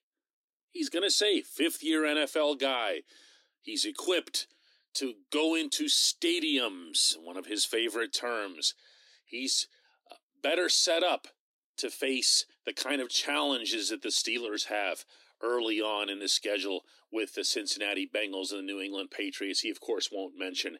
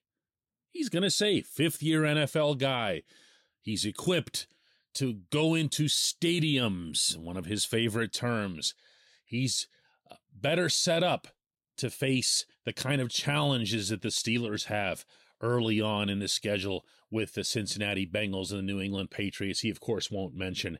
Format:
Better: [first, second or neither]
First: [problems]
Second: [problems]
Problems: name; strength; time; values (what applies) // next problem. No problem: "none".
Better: second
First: thin; somewhat; fading below 250 Hz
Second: none